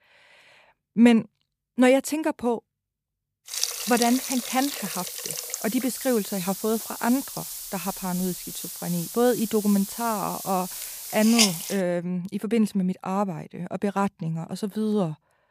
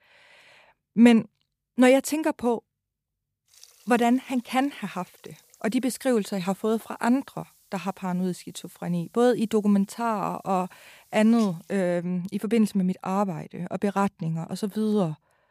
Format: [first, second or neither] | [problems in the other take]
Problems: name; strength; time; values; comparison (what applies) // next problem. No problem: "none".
second | hiss; loud; from 3.5 to 12 s; 5 dB below the speech; faint in the second